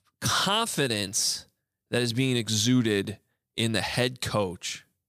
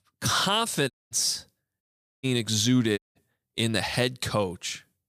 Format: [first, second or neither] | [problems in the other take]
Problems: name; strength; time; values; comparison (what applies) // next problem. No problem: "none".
first | audio cutting out; at 1 s, at 2 s and at 3 s